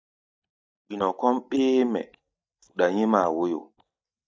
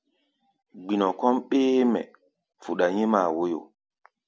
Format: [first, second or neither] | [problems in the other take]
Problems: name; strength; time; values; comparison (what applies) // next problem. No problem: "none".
second | noise reduction (neural mask model DeepFilterNet 3)